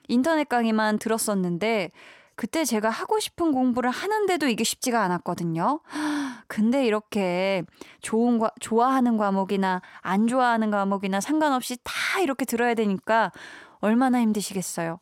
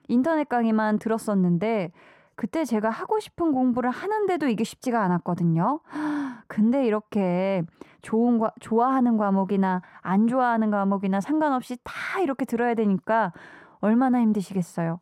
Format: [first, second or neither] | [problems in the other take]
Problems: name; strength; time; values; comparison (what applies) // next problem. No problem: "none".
first | muffled; slightly; fading above 2.5 kHz